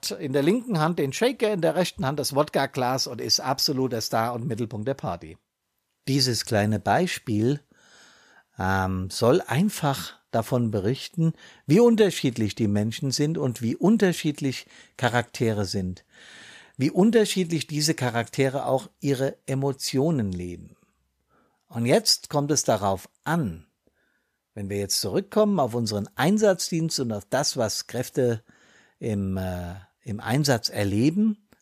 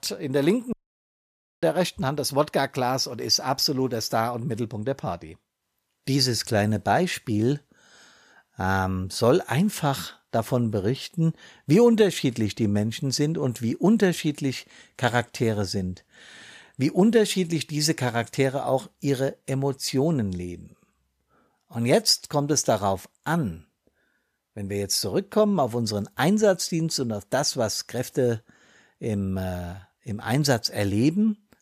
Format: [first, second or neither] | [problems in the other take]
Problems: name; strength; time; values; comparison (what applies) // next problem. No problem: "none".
first | audio cutting out; at 0.5 s for 1 s